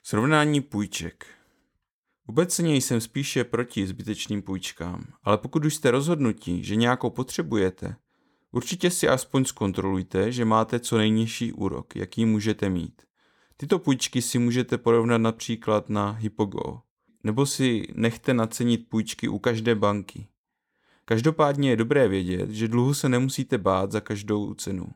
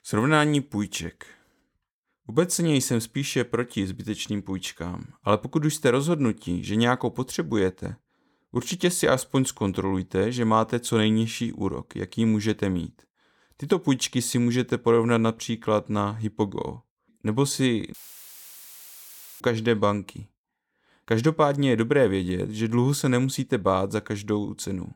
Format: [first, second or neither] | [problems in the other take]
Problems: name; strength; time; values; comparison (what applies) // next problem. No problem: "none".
first | audio cutting out; filled with static; at 18 s for 1.5 s